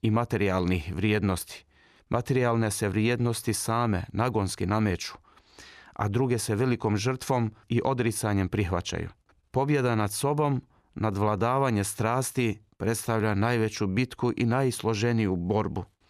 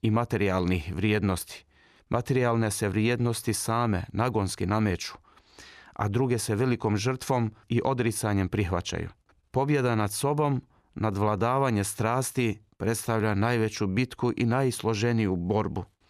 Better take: neither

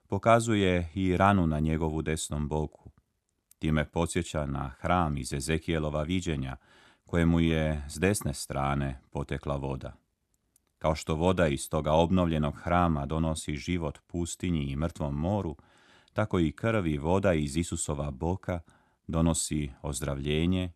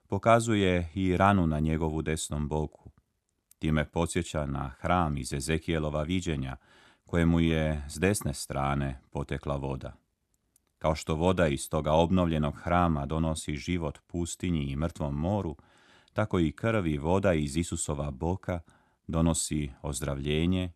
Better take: neither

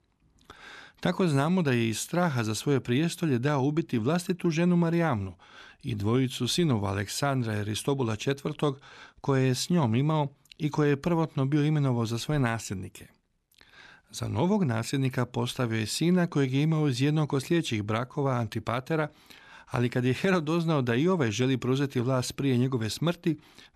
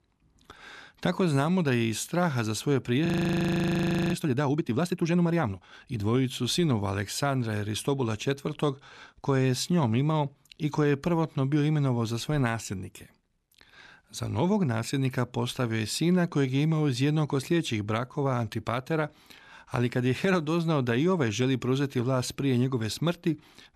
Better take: first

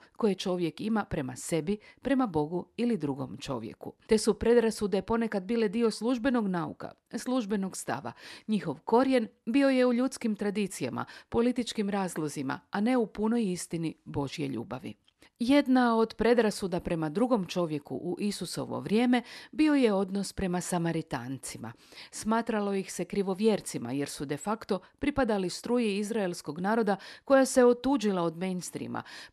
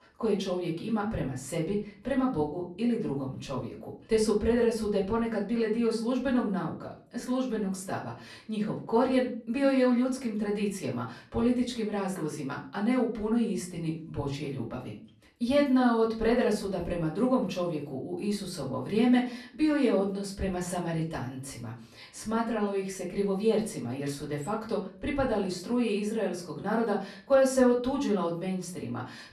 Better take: first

